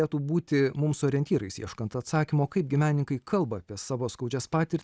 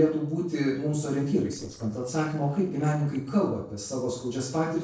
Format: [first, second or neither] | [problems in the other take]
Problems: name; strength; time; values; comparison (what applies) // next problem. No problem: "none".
first | noise reduction (neural separator model SepFormer DNS4)